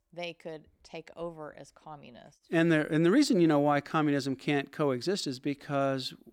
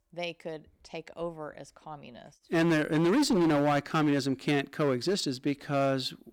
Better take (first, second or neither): first